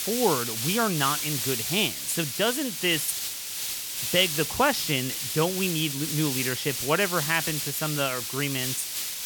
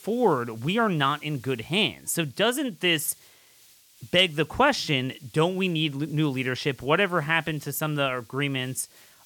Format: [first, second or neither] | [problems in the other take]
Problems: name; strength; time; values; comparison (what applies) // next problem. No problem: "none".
second | hiss; loud; throughout; 2 dB below the speech; faint in the second